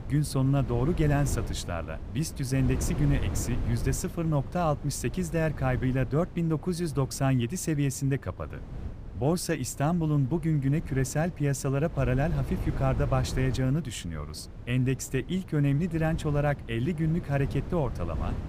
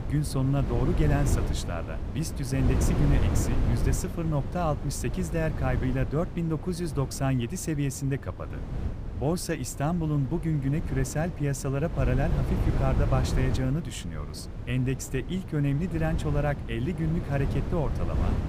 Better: first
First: wind noise on the microphone; occasional gusts; 15 dB below the speech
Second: wind noise on the microphone; heavy; 7 dB below the speech

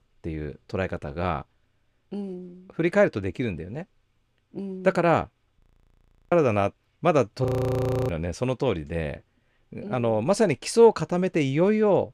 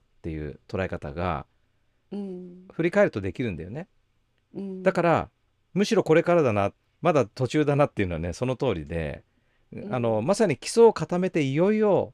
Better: second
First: audio freezing; at 5.5 s for 0.5 s and at 7.5 s for 0.5 s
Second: none

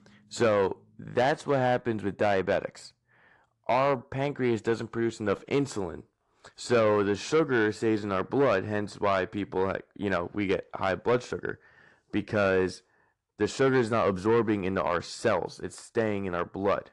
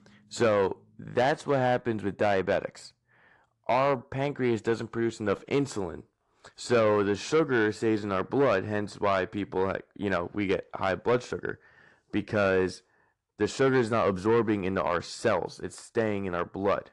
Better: neither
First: distortion; slight; 10 dB below the speech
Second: distortion; slight; 10 dB below the speech

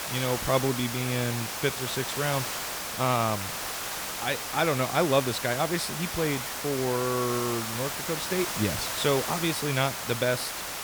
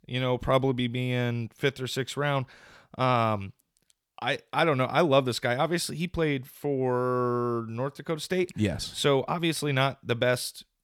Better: second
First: hiss; loud; throughout; 3 dB below the speech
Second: none

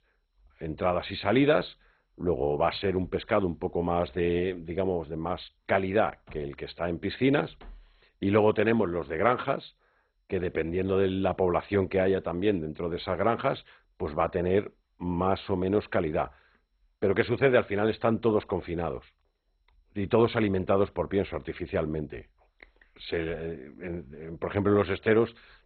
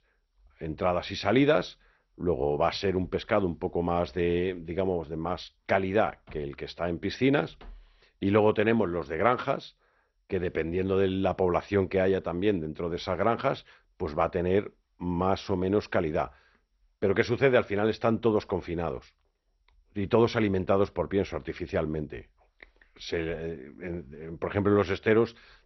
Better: second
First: garbled, watery; badly; nothing above 4 kHz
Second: garbled, watery; slightly; nothing above 6 kHz

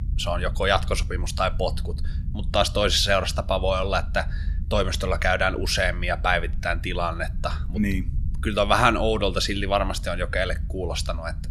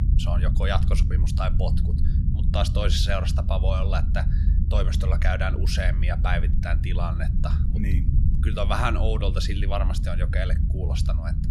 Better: first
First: low rumble; faint; throughout; 25 dB below the speech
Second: low rumble; loud; throughout; 9 dB below the speech

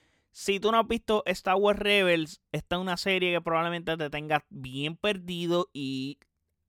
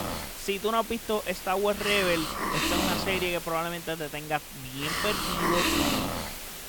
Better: first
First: none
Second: hiss; loud; throughout; as loud as the speech

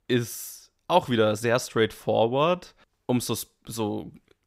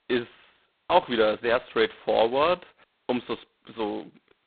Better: first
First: none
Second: phone-call audio; poor line; nothing above 3.5 kHz

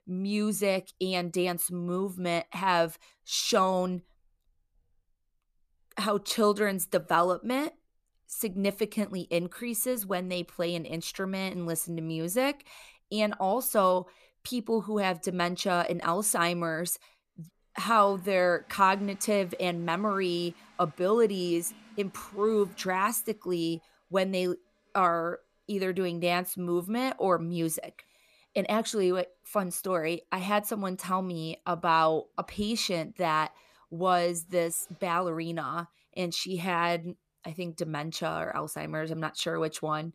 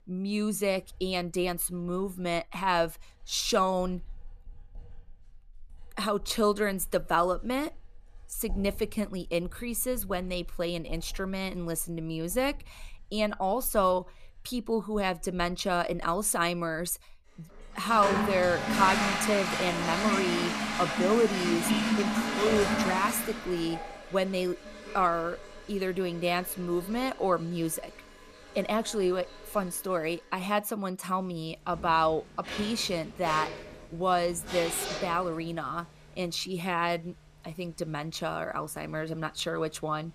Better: first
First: household noises; faint; throughout; 30 dB below the speech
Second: household noises; loud; throughout; 2 dB below the speech

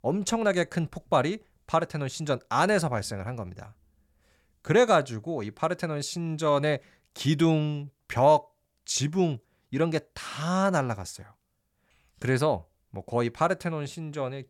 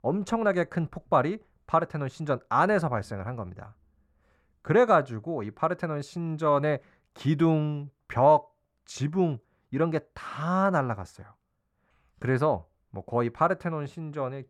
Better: first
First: none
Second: muffled; slightly; fading above 2.5 kHz

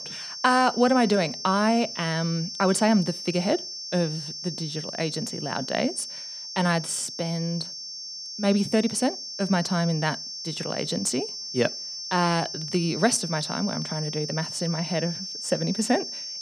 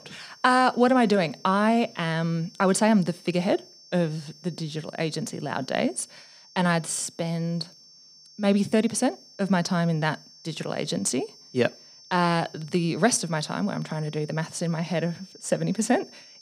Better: second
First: high-pitched whine; loud; throughout; 5.5 kHz, 7 dB below the speech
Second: high-pitched whine; faint; throughout; 5.5 kHz, 20 dB below the speech

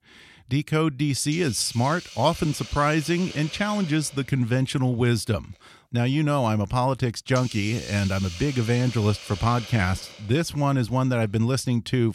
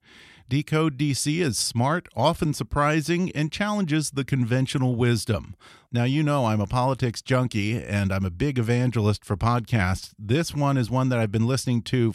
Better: second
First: hiss; noticeable; throughout; 15 dB below the speech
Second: none

